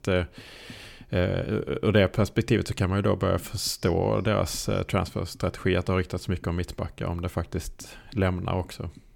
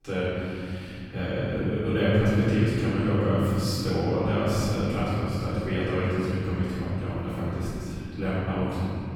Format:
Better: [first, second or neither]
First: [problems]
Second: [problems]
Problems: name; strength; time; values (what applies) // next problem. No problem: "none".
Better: first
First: none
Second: room echo; strong; dies away in 3 s // off-mic speech; far